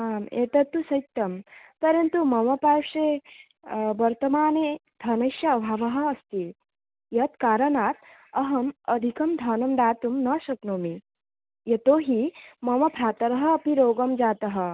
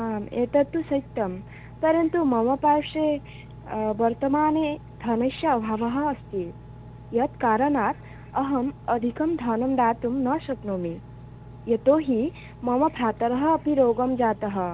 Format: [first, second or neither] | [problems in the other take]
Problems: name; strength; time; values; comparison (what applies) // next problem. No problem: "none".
first | background sound (Engine); 18 dB below the speech